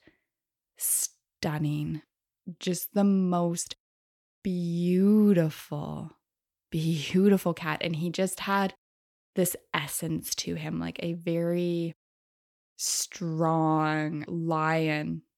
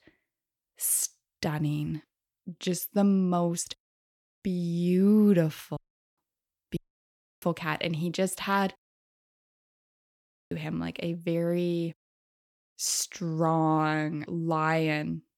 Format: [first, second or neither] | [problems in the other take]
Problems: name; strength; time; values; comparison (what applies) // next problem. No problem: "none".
first | audio cutting out; at 6 s, at 7 s for 0.5 s and at 9.5 s for 1 s